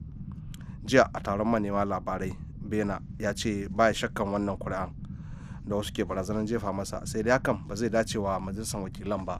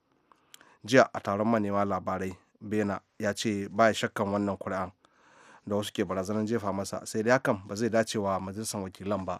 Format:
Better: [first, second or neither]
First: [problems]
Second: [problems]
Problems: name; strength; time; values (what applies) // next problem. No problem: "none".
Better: second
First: low rumble; faint; throughout; 25 dB below the speech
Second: none